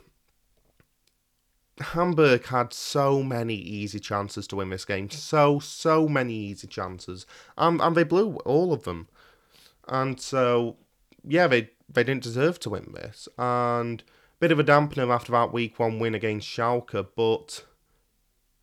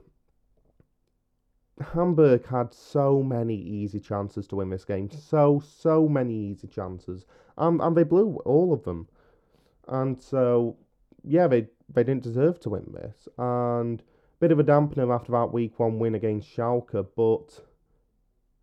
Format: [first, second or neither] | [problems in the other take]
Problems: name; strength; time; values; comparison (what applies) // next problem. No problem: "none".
first | muffled; very; fading above 1 kHz